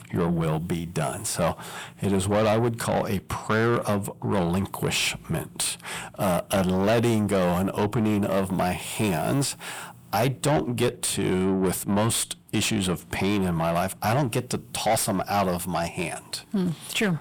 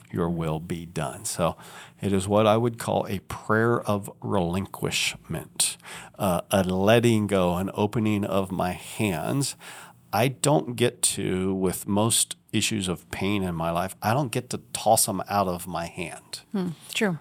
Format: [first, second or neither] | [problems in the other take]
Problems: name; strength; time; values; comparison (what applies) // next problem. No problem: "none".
second | distortion; heavy; 7 dB below the speech